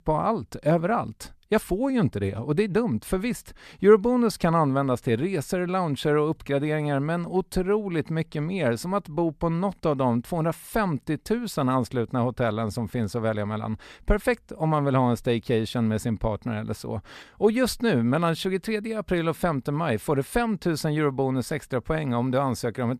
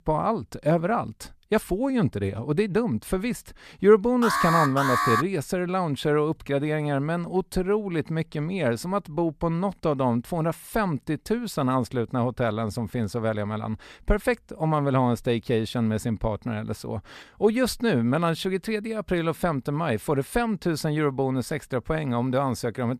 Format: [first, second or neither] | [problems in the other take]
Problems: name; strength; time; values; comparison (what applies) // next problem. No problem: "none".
first | alarm; loud; from 4 to 5 s; peak 3 dB above the speech